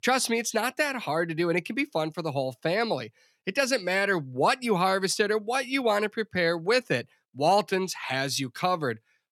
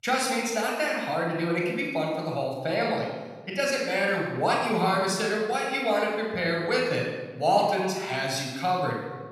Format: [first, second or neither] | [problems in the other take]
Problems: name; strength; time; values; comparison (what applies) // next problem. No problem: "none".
first | off-mic speech; somewhat distant // room echo; noticeable; dies away in 1.1 s